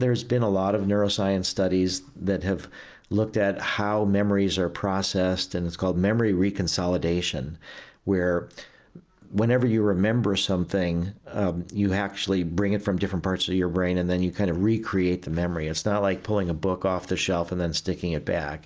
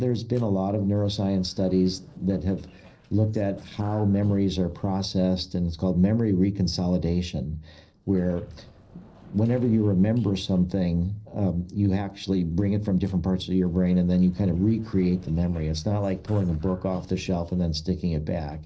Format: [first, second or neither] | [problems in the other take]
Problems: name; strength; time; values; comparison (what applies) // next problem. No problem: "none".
first | noise reduction (neural separator model SepFormer DNS4)